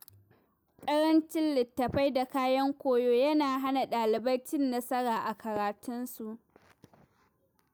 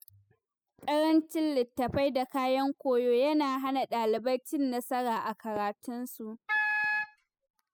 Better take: first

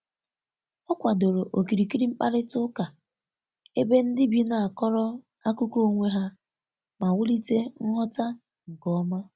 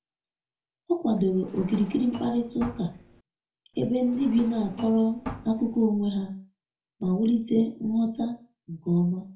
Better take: first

